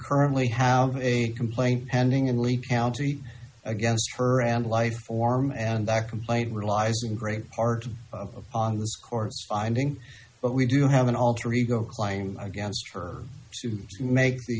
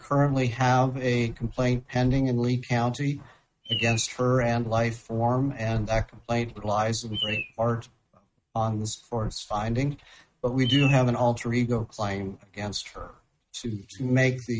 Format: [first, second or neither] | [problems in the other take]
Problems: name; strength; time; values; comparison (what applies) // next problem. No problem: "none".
first | noise reduction (neural mask model RNNoise)